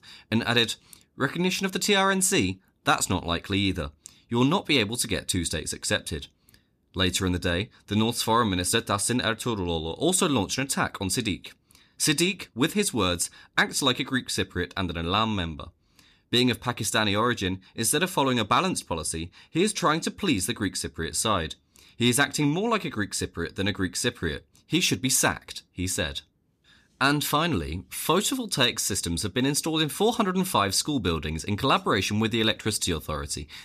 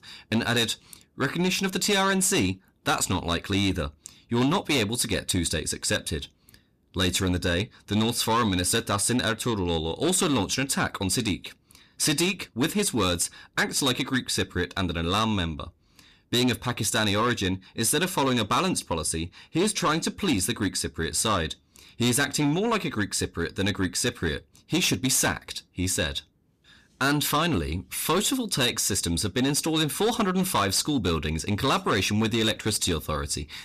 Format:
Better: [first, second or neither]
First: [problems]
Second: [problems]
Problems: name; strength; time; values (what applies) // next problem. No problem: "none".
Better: first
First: none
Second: distortion; slight; 10 dB below the speech